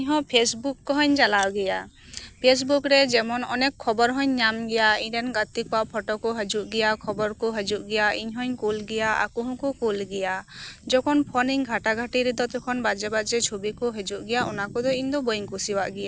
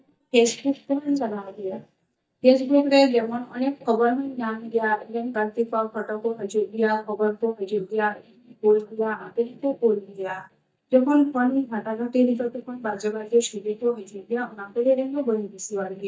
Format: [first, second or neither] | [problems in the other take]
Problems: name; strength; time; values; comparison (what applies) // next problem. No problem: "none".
first | noise reduction (neural mask model DeepFilterNet 3)